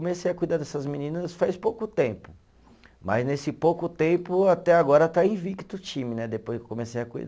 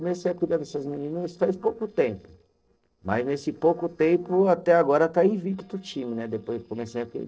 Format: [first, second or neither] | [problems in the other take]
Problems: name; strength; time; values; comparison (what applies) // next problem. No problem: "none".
first | noise reduction (neural separator model SepFormer DNS4)